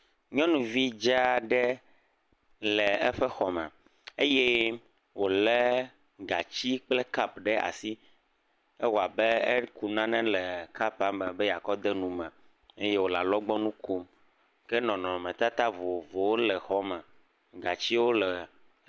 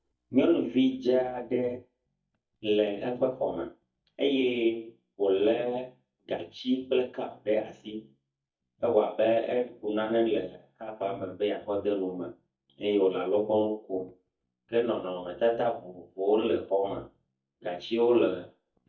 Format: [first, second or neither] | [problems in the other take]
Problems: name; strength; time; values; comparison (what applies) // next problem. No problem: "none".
first | noise reduction (neural mask model DeepFilterNet 3)